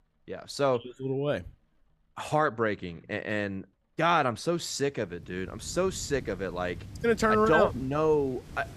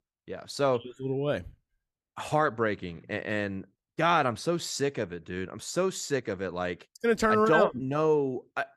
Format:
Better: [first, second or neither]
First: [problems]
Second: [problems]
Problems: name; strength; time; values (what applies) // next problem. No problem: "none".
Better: second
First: rain or running water; noticeable; throughout; 15 dB below the speech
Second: none